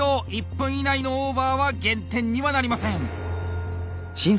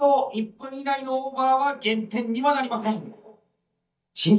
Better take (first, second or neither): first